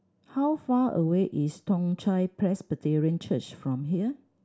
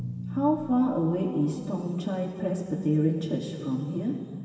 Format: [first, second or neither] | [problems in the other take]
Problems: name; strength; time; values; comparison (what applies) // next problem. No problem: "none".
first | background sound (Drum); 15 dB below the speech // room echo; dies away in 2.7 s